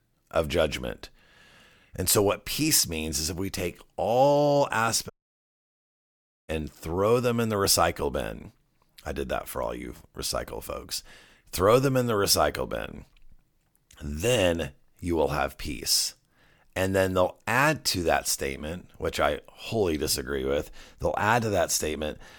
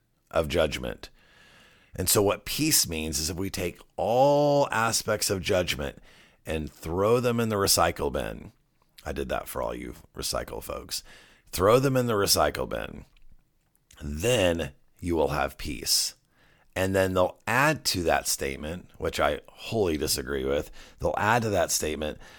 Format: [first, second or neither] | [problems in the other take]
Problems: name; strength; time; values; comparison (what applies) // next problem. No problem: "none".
second | audio cutting out; at 5 s for 1.5 s